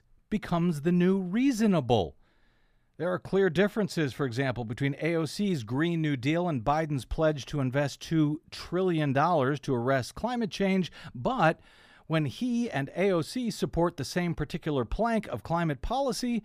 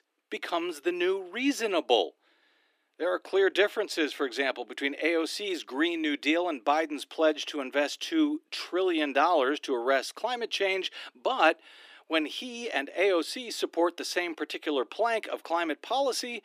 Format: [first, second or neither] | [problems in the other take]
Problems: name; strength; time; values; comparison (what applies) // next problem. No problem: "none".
first | thin; somewhat; fading below 300 Hz